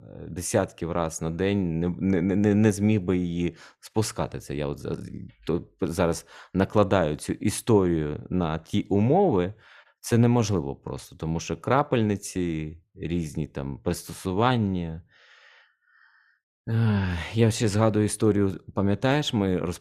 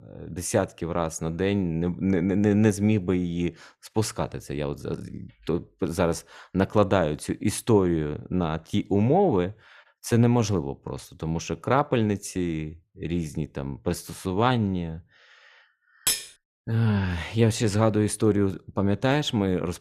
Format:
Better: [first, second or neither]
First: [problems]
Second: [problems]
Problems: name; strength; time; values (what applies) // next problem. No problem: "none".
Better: first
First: none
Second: clattering dishes; loud; at 16 s; peak level with the speech